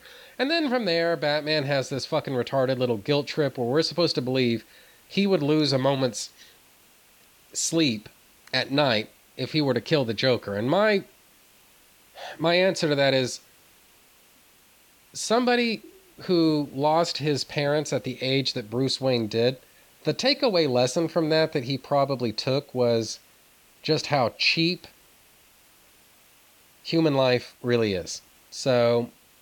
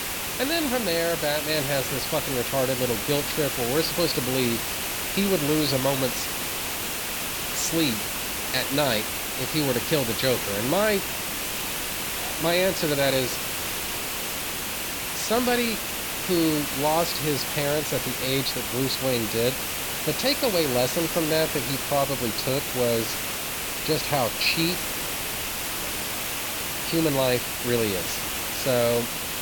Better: first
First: hiss; faint; throughout; 30 dB below the speech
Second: hiss; loud; throughout; 1 dB below the speech

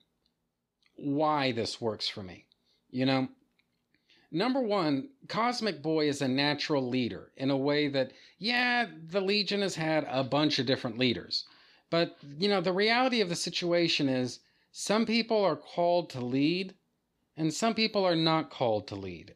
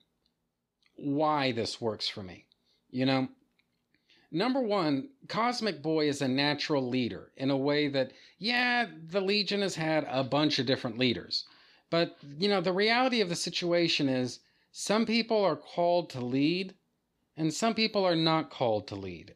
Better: neither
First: none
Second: none

